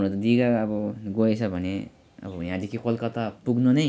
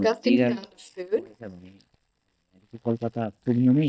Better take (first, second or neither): first